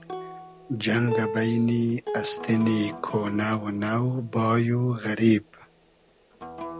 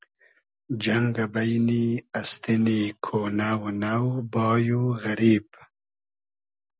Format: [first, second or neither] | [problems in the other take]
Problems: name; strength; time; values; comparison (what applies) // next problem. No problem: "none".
second | background sound (Acoustic guitar); 11 dB below the speech